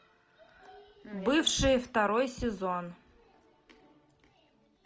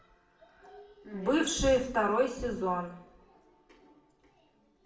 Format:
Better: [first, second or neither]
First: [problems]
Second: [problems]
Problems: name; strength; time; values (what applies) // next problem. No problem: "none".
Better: first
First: none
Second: room echo; dies away in 0.7 s